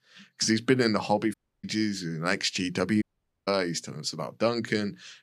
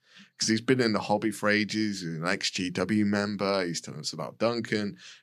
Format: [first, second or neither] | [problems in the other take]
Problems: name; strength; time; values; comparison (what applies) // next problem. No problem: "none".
second | audio cutting out; at 1.5 s and at 3 s